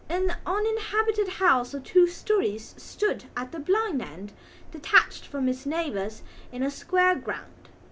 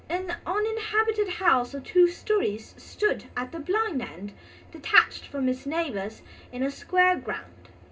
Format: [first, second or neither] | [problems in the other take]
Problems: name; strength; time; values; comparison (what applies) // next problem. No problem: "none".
first | room echo; dies away in 0.2 s